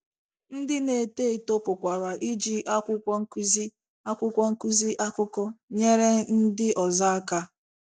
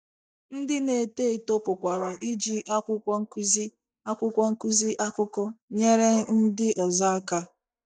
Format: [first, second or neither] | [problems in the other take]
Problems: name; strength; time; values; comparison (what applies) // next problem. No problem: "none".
first | noise reduction (neural mask model DeepFilterNet 3)